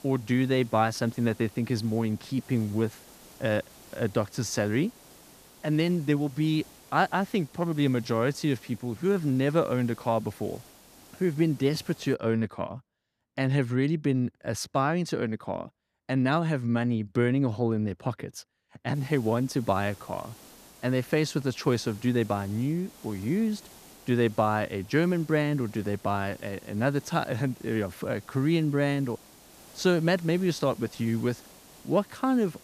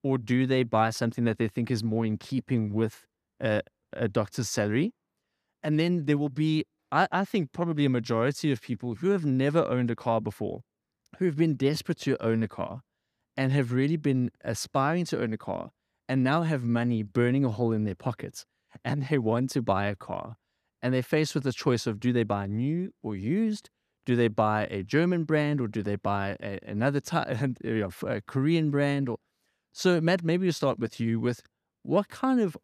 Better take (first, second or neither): second